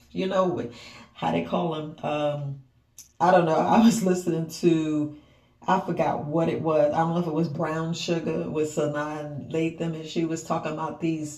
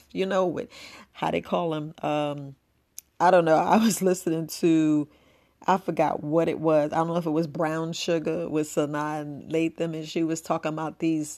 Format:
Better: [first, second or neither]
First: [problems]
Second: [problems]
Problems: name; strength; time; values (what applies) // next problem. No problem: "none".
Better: second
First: room echo; slight; dies away in 0.3 s // off-mic speech; far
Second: none